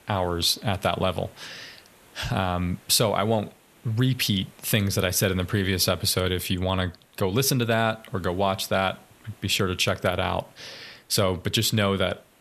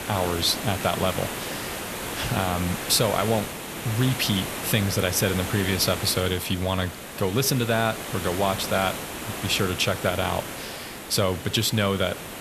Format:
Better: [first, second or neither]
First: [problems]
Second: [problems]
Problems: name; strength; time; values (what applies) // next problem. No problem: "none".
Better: first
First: hiss; faint; throughout; 30 dB below the speech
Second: hiss; loud; throughout; 7 dB below the speech